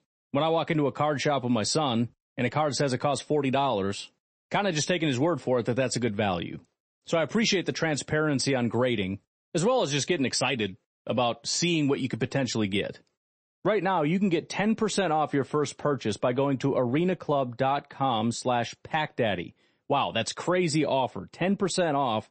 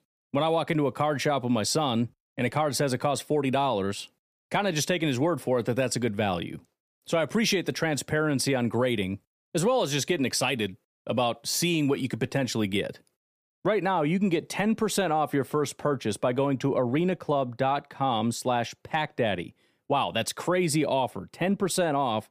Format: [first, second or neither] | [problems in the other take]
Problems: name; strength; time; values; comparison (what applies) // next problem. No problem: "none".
second | garbled, watery; slightly; nothing above 8 kHz